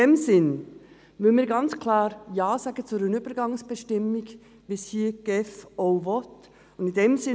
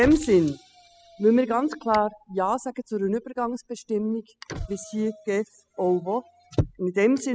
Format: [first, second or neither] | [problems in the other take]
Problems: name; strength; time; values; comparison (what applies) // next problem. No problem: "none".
first | noise reduction (classical method spectral subtraction)